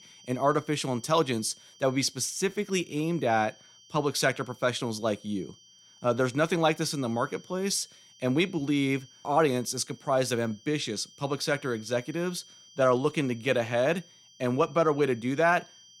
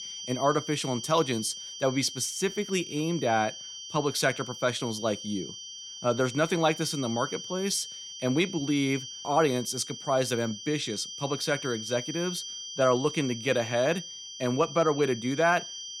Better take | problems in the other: first | high-pitched whine; loud; throughout; 3 kHz, 10 dB below the speech; faint in the first

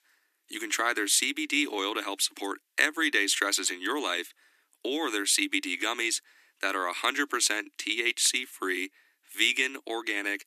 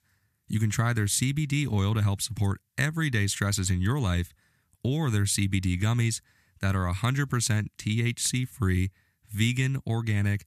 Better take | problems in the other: second | thin; very; fading below 300 Hz

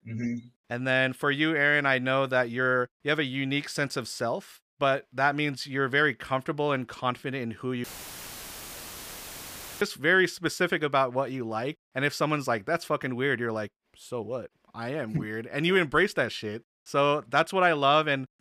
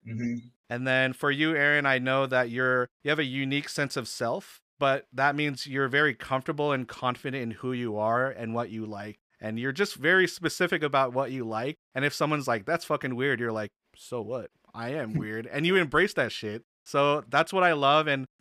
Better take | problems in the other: second | audio cutting out; filled with static; at 8 s for 2 s

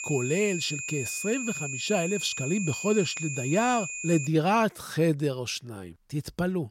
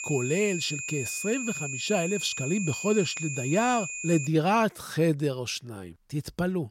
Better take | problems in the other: neither | high-pitched whine; loud; until 4.5 s; 2.5 kHz, 5 dB below the speech; the same in both

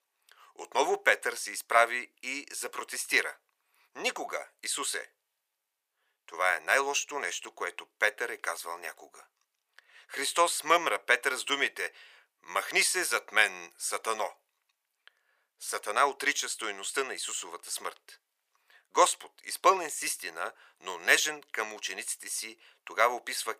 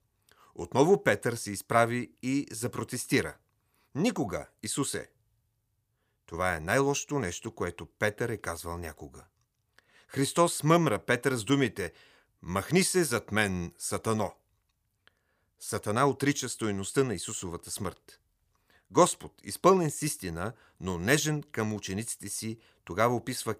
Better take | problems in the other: second | thin; very; fading below 550 Hz

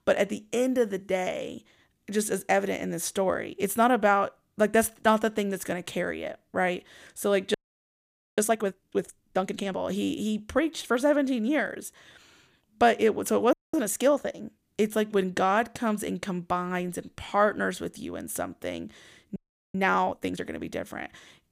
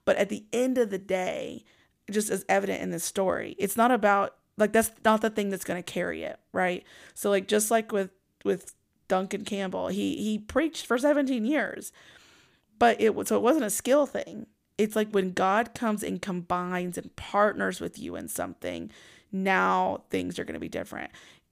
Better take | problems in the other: second | audio freezing; at 7.5 s for 1 s, at 14 s and at 19 s

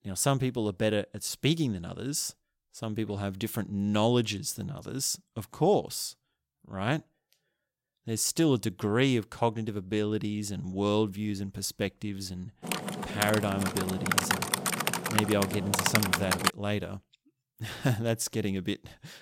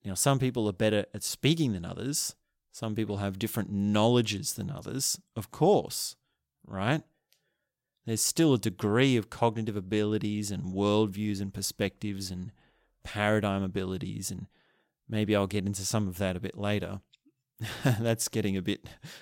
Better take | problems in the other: second | keyboard typing; loud; from 13 to 17 s; peak 5 dB above the speech

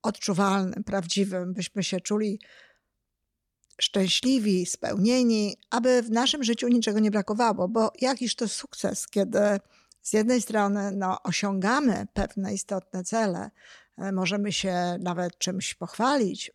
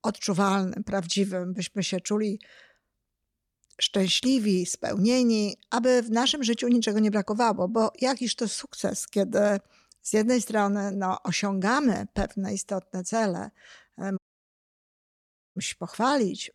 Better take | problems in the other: first | audio cutting out; at 14 s for 1.5 s

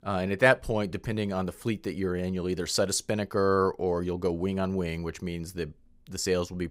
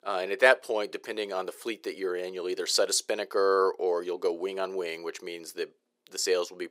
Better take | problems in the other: first | thin; very; fading below 400 Hz

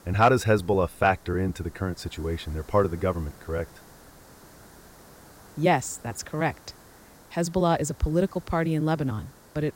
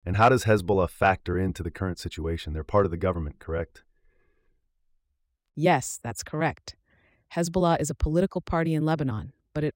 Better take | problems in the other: second | hiss; faint; throughout; 25 dB below the speech

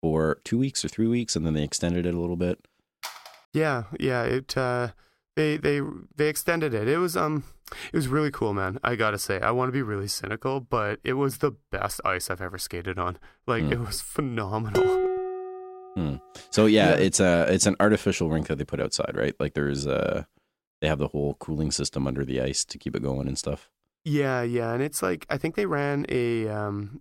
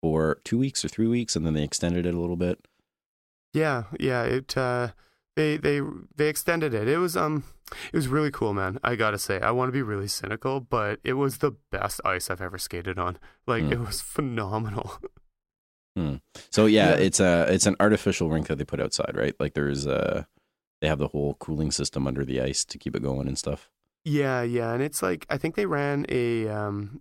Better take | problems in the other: second | phone ringing; faint; at 3 s; peak 10 dB below the speech // clattering dishes; loud; at 15 s; peak 3 dB above the speech

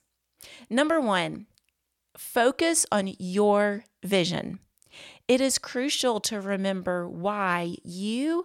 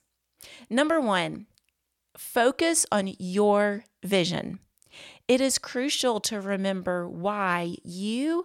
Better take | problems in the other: neither | none

